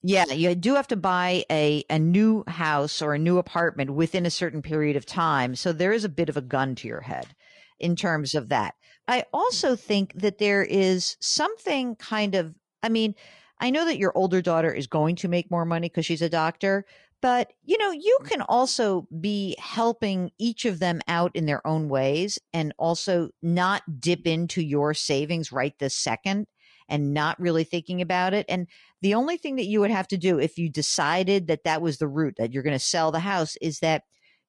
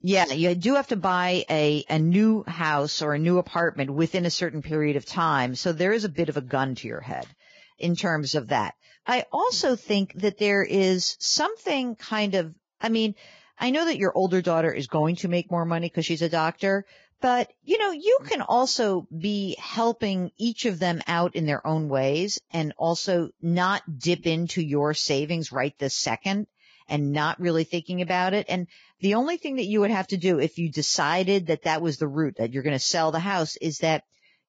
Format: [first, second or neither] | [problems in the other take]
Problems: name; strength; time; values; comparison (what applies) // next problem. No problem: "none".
first | garbled, watery; badly; slightly in the first